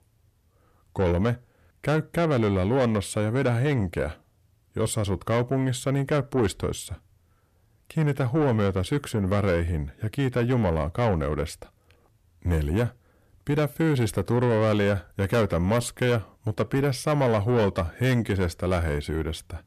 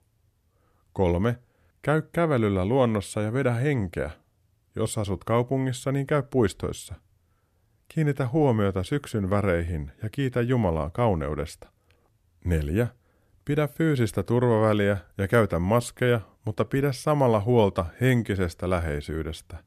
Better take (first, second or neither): second